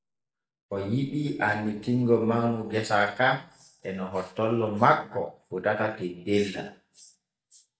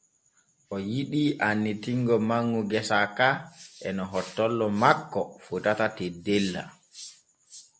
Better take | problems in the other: second | noise reduction (neural mask model DeepFilterNet 3)

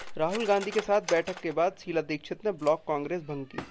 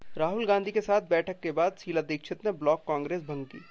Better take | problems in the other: second | background sound (Cutlery, silverware); 15 dB below the speech

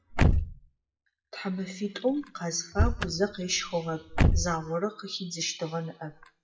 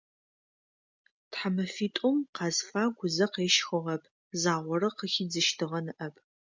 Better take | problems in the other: second | noise reduction (classical method WPE with log-MMSE)

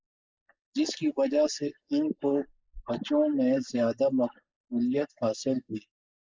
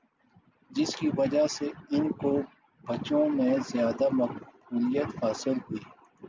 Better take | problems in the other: second | noise reduction (neural mask model Resemble Enhance denoiser)

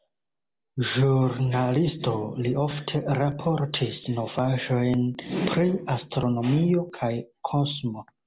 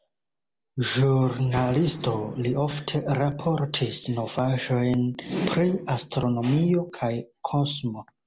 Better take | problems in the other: first | background sound (Gunshot, gunfire); 17 dB below the speech

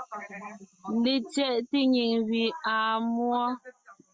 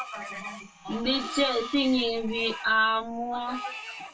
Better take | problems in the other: first | background sound (Screech); 12 dB below the speech // room echo; dies away in 0.1 s

